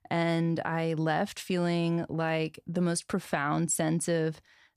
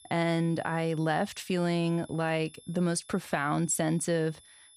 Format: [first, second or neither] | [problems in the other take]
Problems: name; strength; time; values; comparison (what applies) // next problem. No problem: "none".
first | high-pitched whine; faint; throughout; 3.5 kHz, 25 dB below the speech